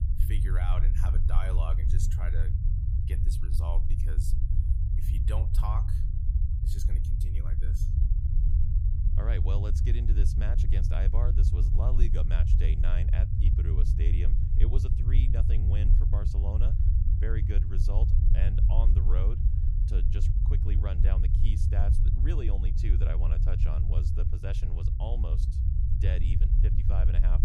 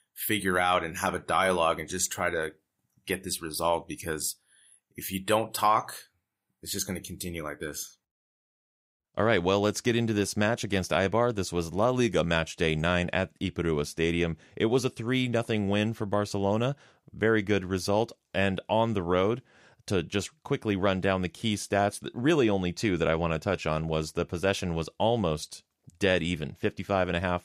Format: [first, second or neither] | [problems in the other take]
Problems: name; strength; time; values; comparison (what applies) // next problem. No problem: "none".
second | low rumble; loud; throughout; 1 dB below the speech